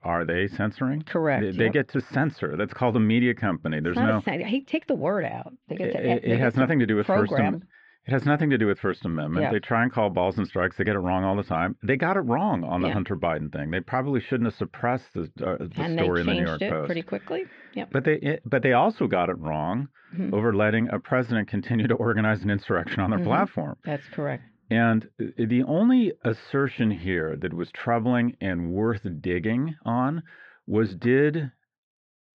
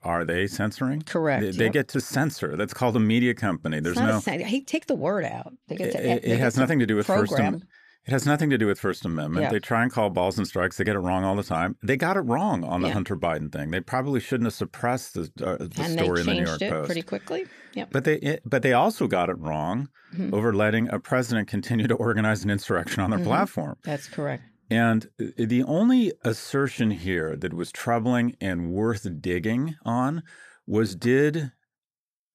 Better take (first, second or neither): second